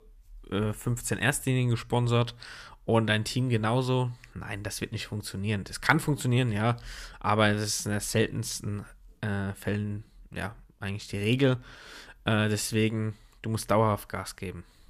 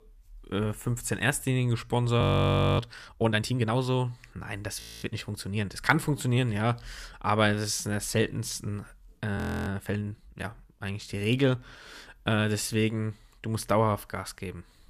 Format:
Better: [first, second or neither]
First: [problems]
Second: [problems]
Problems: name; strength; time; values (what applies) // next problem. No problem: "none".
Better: first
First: none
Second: audio freezing; at 2 s for 0.5 s, at 5 s and at 9.5 s